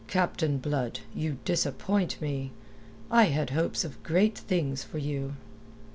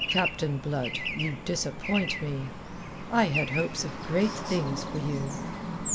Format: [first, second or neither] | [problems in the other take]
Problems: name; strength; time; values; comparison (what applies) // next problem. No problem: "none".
first | background sound (Traffic noise, roadway noise / Bird); 4 dB below the speech